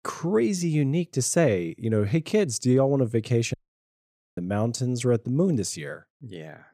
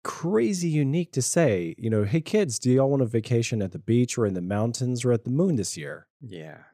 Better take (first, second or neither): second